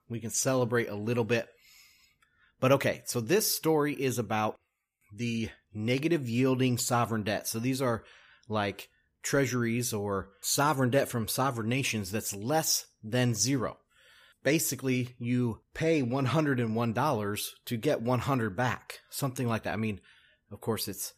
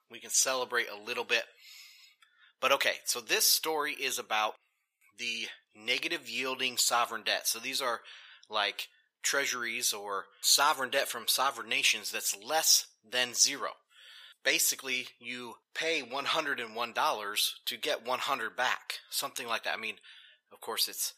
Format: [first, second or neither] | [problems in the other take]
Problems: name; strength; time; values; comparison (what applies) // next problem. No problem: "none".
first | thin; very; fading below 800 Hz